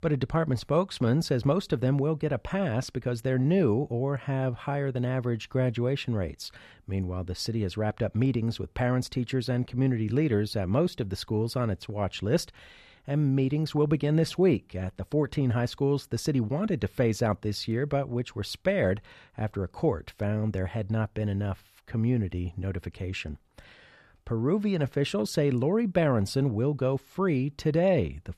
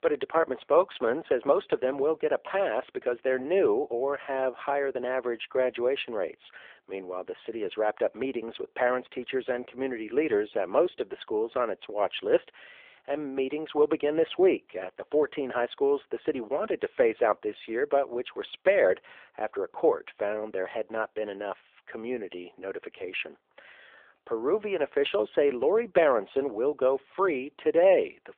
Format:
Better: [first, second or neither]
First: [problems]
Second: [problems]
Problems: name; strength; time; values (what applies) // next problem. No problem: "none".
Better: first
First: none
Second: phone-call audio